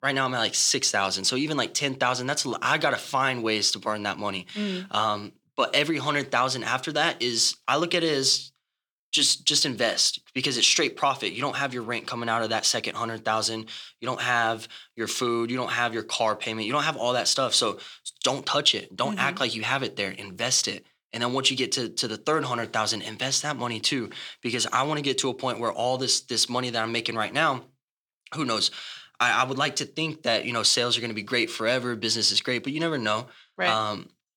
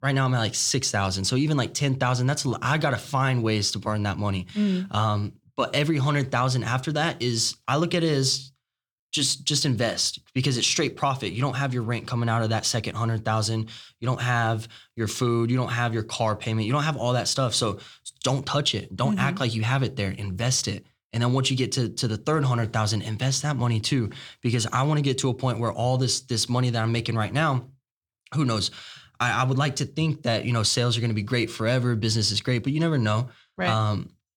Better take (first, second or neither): second